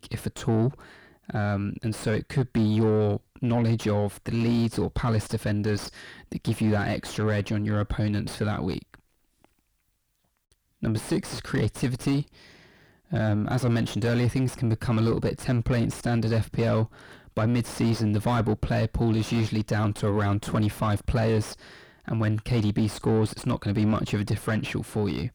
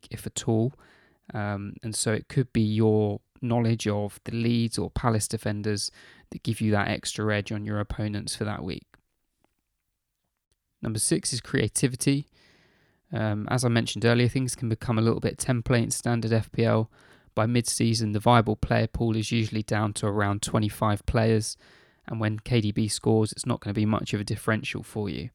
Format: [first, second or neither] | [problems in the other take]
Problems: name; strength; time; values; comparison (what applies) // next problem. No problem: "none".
second | distortion; heavy; 6 dB below the speech